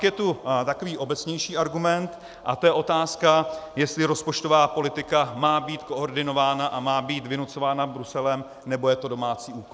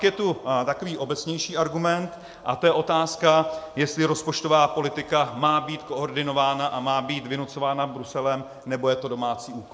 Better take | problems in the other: first | room echo; dies away in 1.7 s

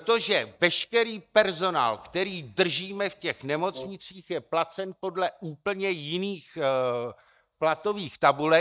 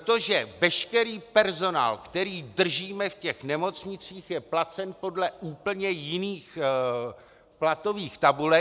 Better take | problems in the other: second | noise reduction (neural mask model DeepFilterNet 3)

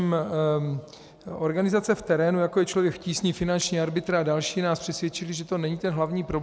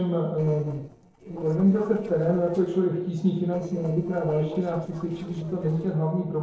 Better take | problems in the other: first | noise reduction (neural separator model SepFormer DNS4)

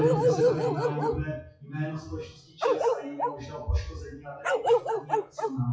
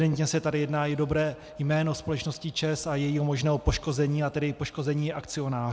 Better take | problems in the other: second | noise reduction (classical method WPE with log-MMSE)

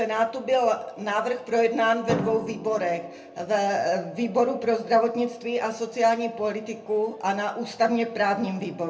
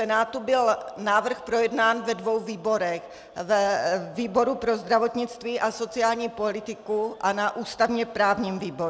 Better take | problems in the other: second | background sound (Drum); 16 dB below the speech // room echo; dies away in 0.3 s

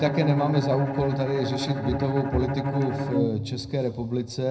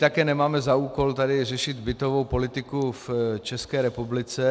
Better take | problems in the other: second | background sound (Bowed string instrument); 4 dB below the speech // room echo; dies away in 0.3 s

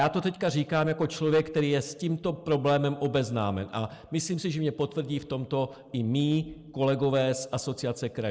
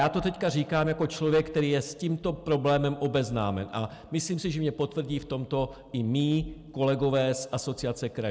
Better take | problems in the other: second | noise reduction (neural mask model Resemble Enhance denoiser)

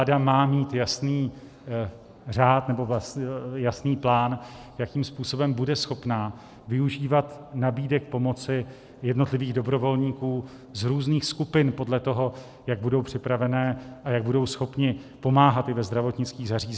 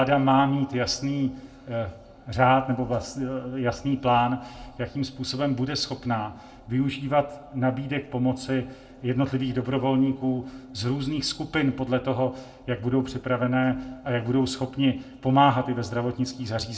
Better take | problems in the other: first | room echo; dies away in 0.2 s

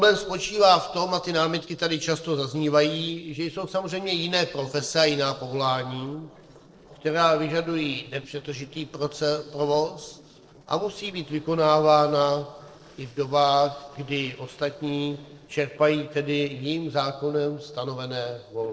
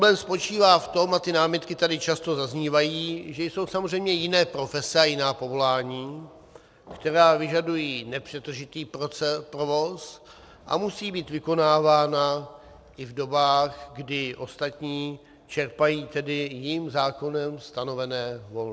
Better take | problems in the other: second | noise reduction (neural separator model SepFormer DNS4)

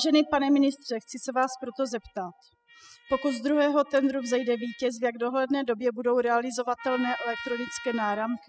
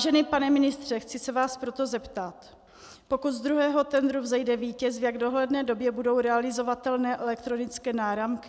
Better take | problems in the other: second | noise reduction (classical method spectral subtraction)

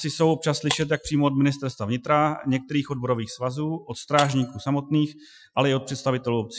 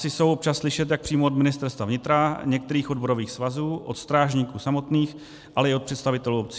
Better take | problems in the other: second | noise reduction (classical method Wiener filter)

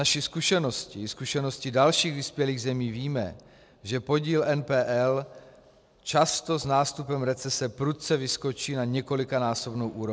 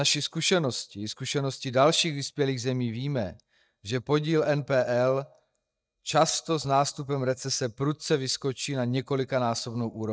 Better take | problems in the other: first | noise reduction (neural mask model DeepFilterNet 3)

